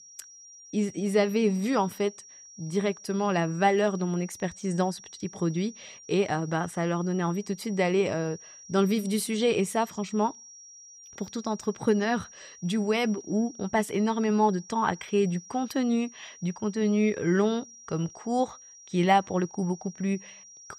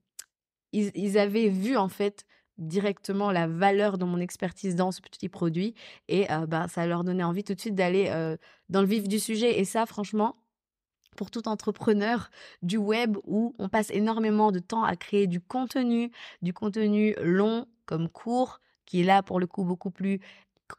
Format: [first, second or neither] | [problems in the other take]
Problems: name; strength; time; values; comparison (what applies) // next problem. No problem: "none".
second | high-pitched whine; noticeable; throughout; 5.5 kHz, 20 dB below the speech